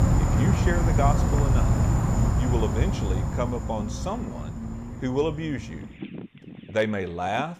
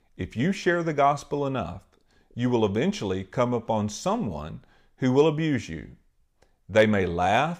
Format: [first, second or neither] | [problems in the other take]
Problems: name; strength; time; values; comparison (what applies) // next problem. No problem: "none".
second | animal sounds; very loud; throughout; 5 dB above the speech